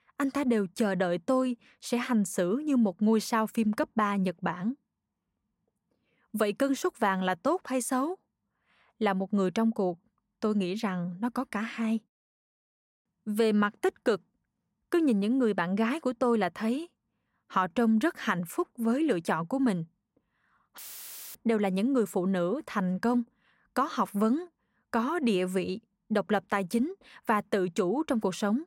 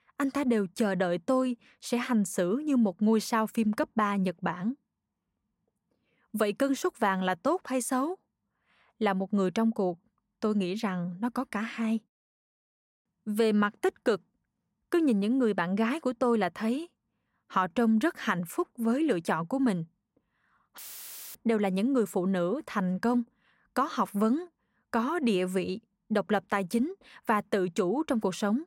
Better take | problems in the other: neither | audio cutting out; filled with static; at 21 s for 0.5 s; the same in both

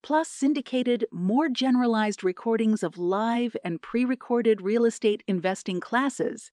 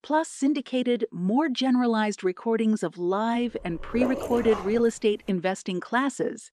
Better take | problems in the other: first | dog barking; noticeable; from 4 to 5 s; peak 4 dB below the speech

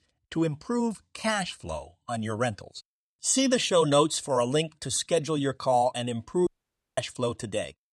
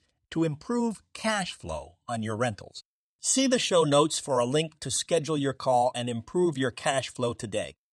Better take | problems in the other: second | audio cutting out; at 6.5 s for 0.5 s

